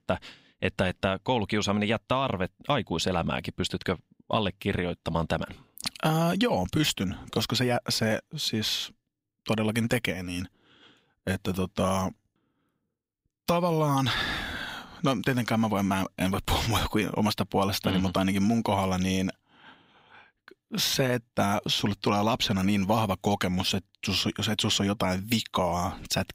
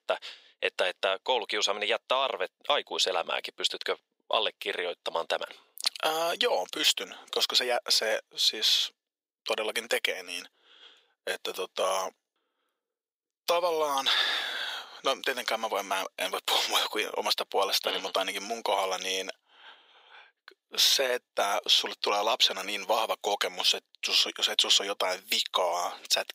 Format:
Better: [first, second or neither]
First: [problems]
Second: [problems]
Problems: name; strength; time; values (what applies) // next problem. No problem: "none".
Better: first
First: none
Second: thin; very; fading below 450 Hz